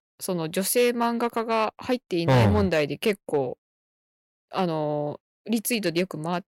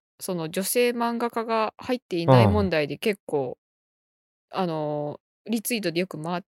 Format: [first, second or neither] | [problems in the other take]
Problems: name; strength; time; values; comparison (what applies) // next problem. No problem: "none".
second | distortion; slight; 2% of the sound clipped